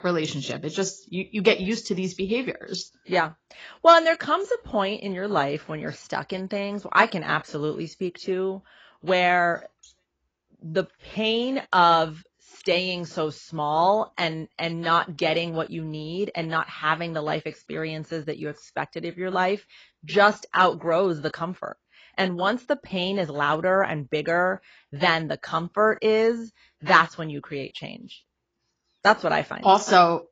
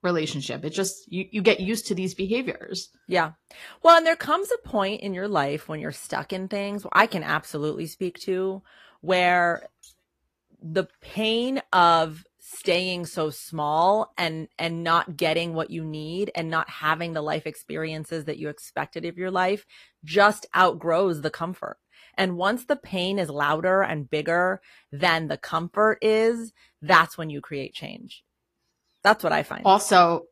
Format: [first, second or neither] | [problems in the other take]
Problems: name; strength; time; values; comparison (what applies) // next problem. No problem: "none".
second | garbled, watery; badly; nothing above 7.5 kHz; slightly in the second